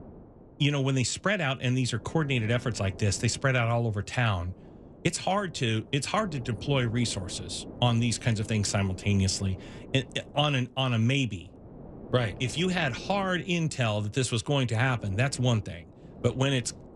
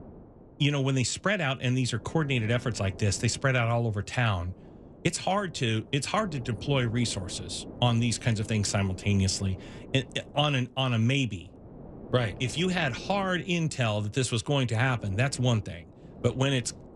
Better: neither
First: wind noise on the microphone; occasional gusts; 20 dB below the speech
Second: wind noise on the microphone; occasional gusts; 20 dB below the speech

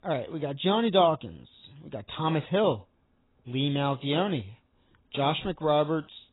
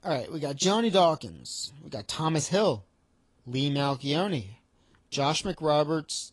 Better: second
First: garbled, watery; badly; nothing above 4 kHz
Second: garbled, watery; slightly; nothing above 10.5 kHz

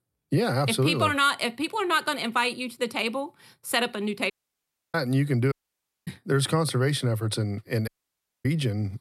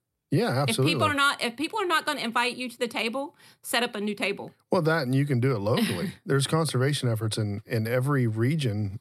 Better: second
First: audio cutting out; at 4.5 s for 0.5 s, at 5.5 s for 0.5 s and at 8 s for 0.5 s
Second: none

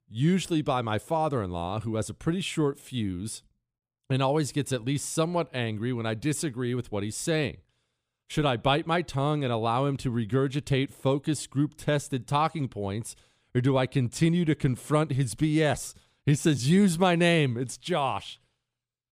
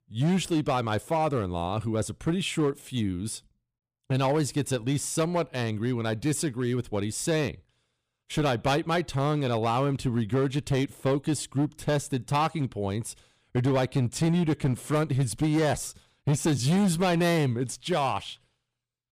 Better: first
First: none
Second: distortion; slight; 8% of the sound clipped

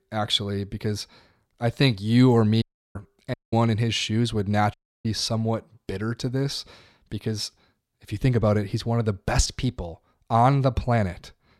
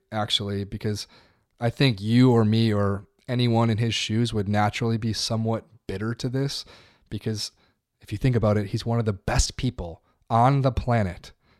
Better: second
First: audio cutting out; at 2.5 s, at 3.5 s and at 4.5 s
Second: none

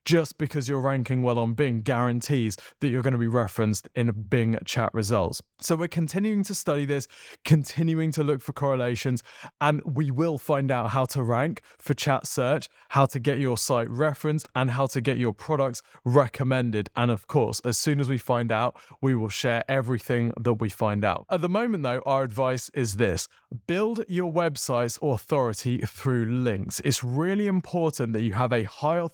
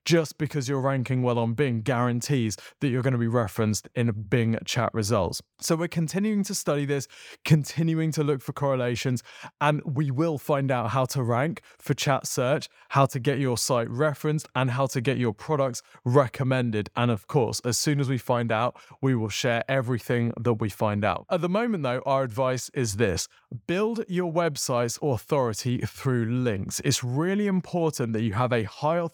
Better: second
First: garbled, watery; slightly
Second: none

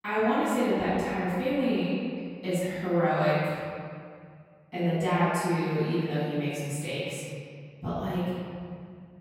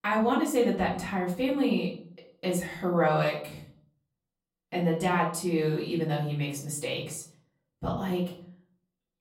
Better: second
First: room echo; strong; dies away in 2.2 s // off-mic speech; far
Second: room echo; slight; dies away in 0.5 s // off-mic speech; far

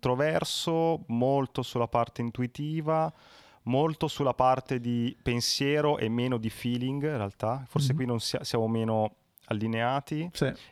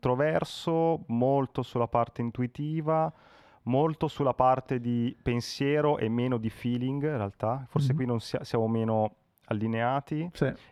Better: first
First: none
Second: muffled; slightly; fading above 3 kHz

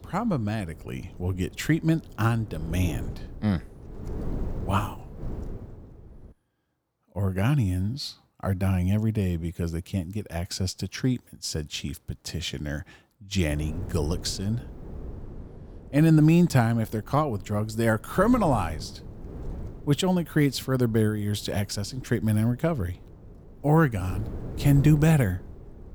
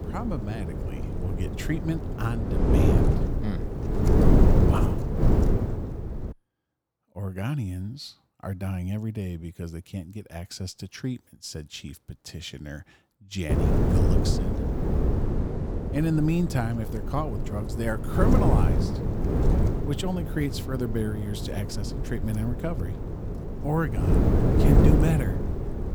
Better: first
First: wind noise on the microphone; occasional gusts; until 6.5 s and from 14 s on; 20 dB below the speech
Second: wind noise on the microphone; heavy; until 6.5 s and from 14 s on; 2 dB above the speech

